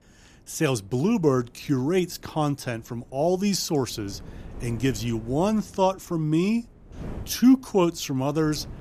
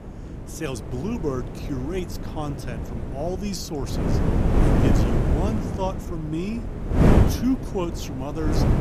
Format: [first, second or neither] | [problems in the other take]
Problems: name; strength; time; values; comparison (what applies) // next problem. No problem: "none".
first | wind noise on the microphone; heavy; 1 dB above the speech; occasional gusts in the first